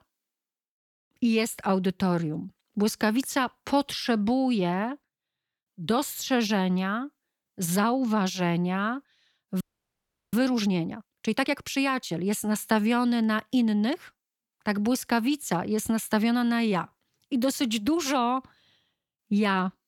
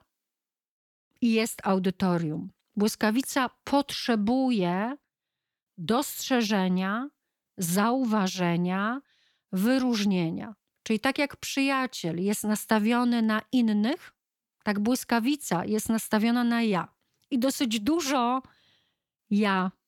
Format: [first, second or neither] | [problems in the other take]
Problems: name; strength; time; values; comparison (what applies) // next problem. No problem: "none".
second | audio freezing; at 9.5 s for 0.5 s